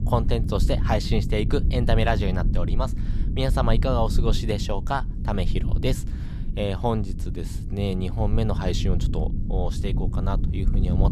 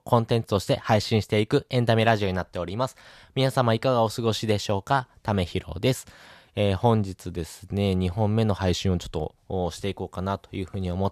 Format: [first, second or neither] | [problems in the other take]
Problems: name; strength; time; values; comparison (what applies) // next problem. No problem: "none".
second | low rumble; noticeable; throughout; 10 dB below the speech